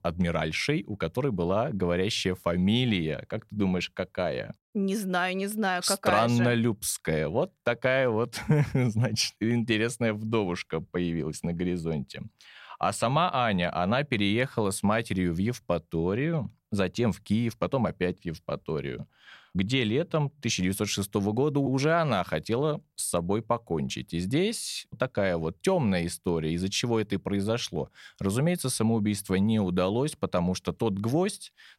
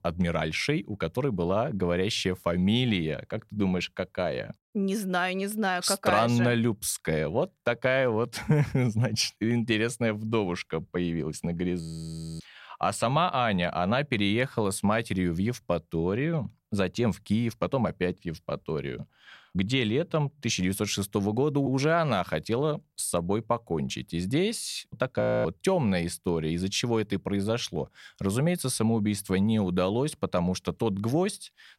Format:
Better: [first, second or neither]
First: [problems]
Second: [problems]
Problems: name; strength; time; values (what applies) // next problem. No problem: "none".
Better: first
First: none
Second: audio freezing; at 12 s for 0.5 s and at 25 s